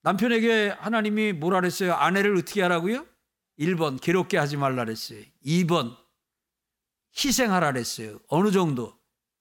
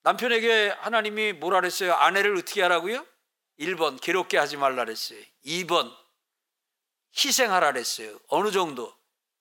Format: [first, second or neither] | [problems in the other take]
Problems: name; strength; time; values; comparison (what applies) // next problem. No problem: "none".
first | thin; very; fading below 550 Hz